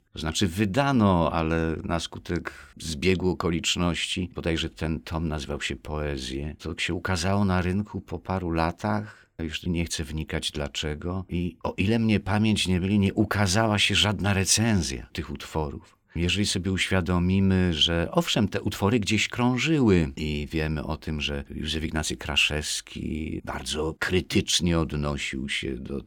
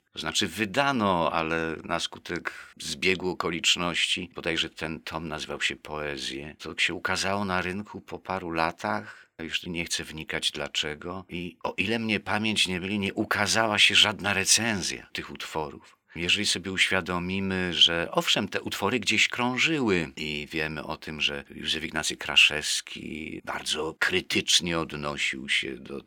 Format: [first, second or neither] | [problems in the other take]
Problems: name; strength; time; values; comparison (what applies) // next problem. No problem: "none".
first | thin; somewhat; fading below 450 Hz